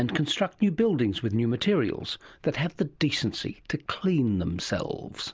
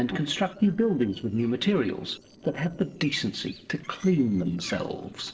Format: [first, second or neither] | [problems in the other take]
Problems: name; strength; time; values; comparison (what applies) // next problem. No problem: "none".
first | noise reduction (neural separator model SepFormer DNS4)